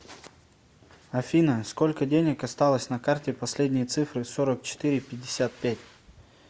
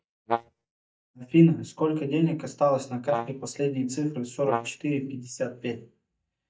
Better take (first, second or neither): first